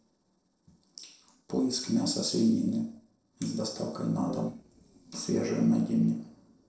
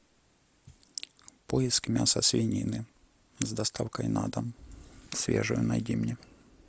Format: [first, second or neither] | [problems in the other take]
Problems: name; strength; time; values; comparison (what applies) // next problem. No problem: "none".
second | noise reduction (neural separator model SepFormer DNS4)